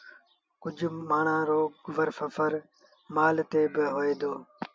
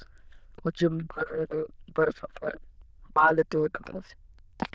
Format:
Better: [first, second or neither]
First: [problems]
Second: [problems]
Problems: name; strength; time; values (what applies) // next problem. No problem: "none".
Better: first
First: none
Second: noise reduction (neural diffusion model UNIVERSE++)